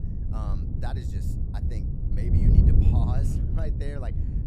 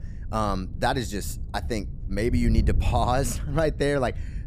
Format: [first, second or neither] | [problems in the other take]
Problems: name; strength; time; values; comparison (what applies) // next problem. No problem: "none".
second | wind noise on the microphone; heavy; 4 dB above the speech; occasional gusts in the second